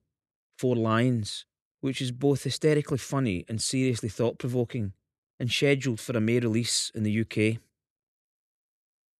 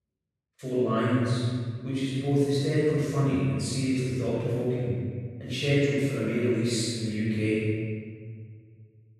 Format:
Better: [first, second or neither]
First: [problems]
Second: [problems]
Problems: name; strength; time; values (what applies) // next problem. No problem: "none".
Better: first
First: none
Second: off-mic speech; far // room echo; strong; dies away in 1.7 s